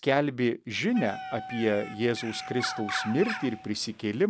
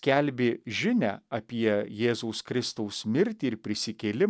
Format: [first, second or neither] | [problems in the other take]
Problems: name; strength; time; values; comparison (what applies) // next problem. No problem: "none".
second | background sound (Bird + Wind instrument, woodwind instrument); 10 dB below the speech